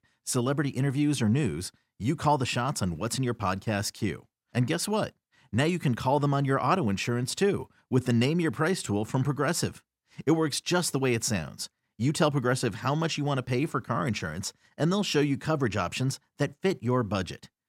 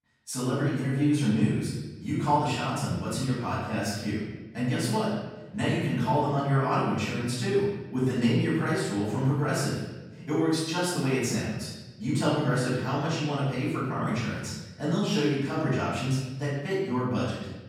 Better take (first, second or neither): first